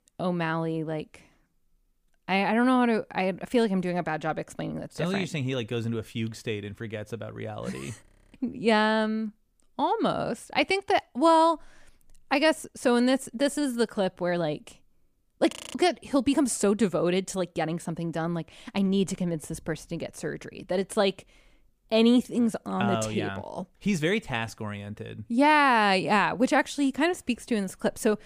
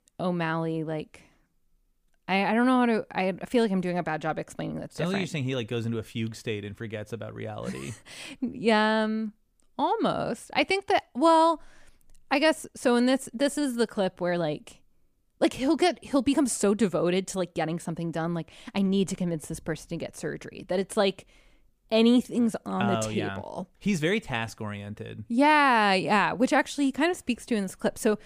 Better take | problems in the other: second | audio freezing; at 8 s and at 16 s

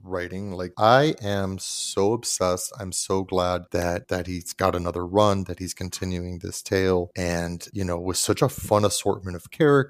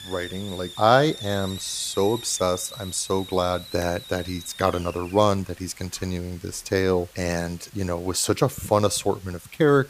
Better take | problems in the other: first | hiss; noticeable; throughout; 15 dB below the speech

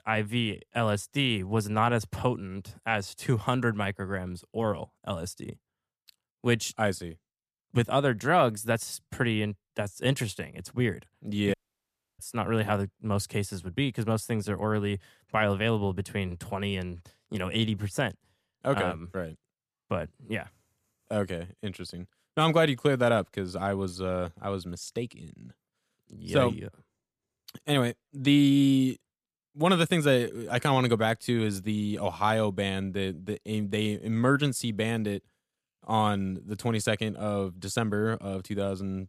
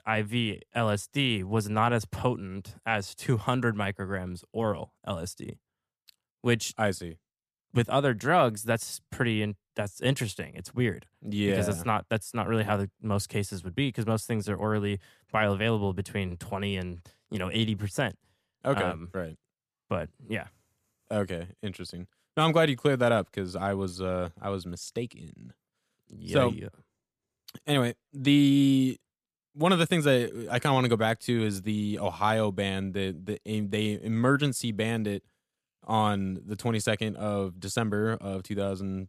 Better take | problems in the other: second | audio cutting out; at 12 s for 0.5 s

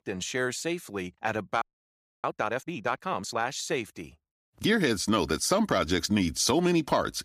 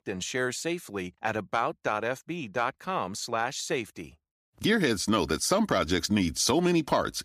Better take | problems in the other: second | audio freezing; at 1.5 s for 0.5 s

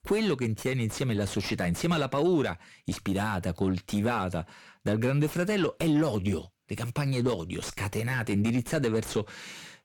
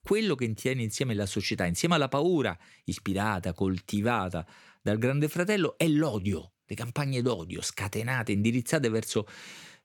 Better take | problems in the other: second | distortion; slight; 10 dB below the speech

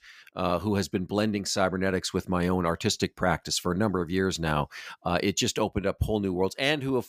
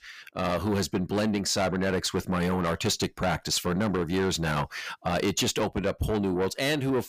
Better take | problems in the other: first | distortion; heavy; 7 dB below the speech

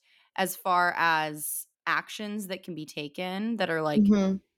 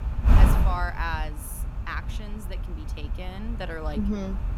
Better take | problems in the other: first | wind noise on the microphone; heavy; 5 dB below the speech

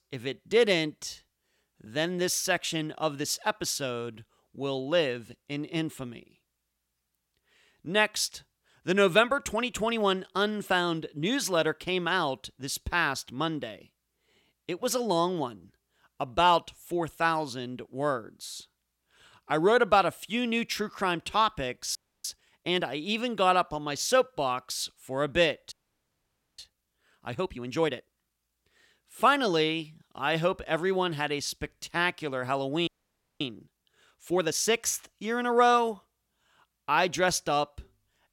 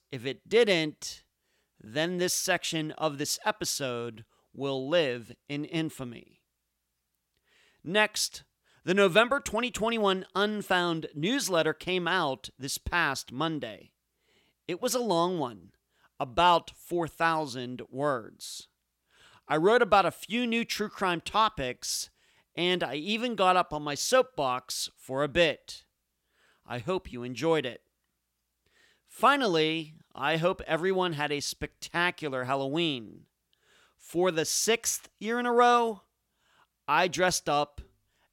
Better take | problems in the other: second | audio freezing; at 22 s, at 26 s for 1 s and at 33 s for 0.5 s

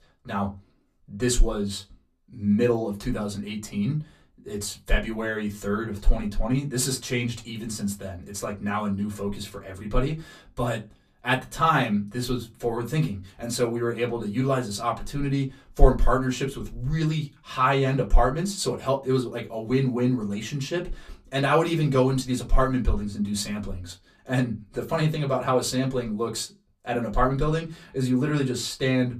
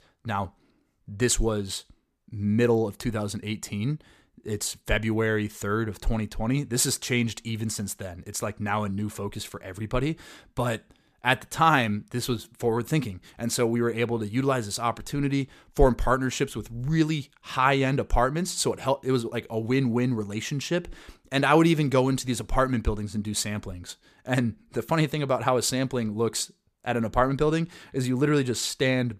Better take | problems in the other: second | off-mic speech; far // room echo; very slight; dies away in 0.2 s

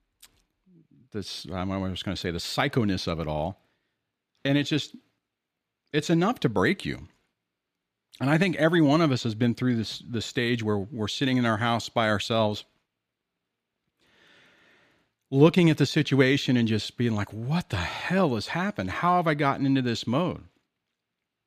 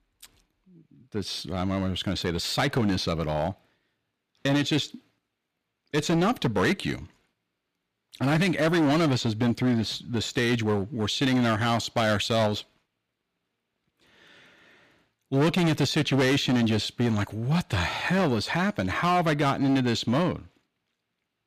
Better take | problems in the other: first | distortion; heavy; 10% of the sound clipped

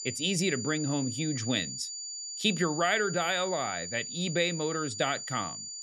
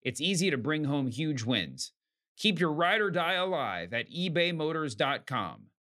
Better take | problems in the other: second | high-pitched whine; loud; throughout; 7 kHz, 6 dB below the speech

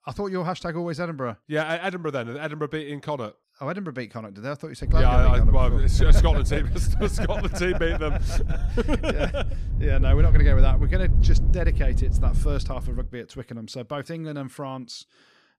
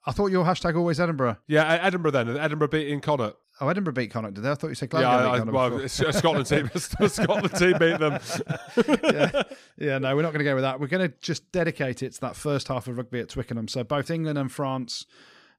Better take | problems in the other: second | wind noise on the microphone; occasional gusts; from 5 to 13 s; 10 dB below the speech

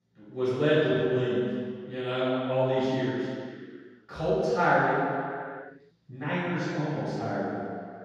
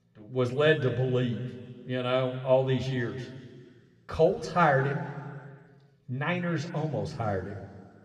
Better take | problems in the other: second | room echo; strong; dies away in 2.2 s; slight in the second // off-mic speech; far; somewhat distant in the second

